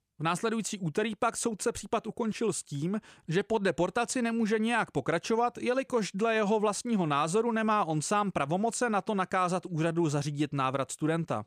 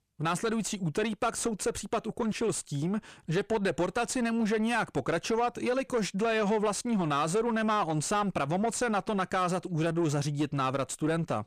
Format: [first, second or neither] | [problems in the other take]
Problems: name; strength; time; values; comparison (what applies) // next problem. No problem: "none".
first | distortion; slight; 10 dB below the speech